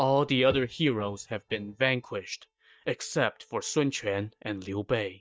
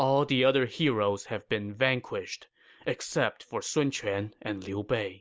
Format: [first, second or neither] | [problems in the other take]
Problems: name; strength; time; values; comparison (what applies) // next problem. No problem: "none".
second | noise reduction (neural mask model DeepFilterNet 3)